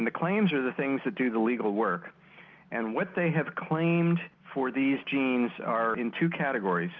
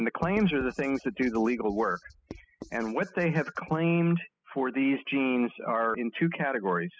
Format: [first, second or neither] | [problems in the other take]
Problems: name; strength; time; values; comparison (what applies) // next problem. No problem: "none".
first | noise reduction (classical method spectral subtraction)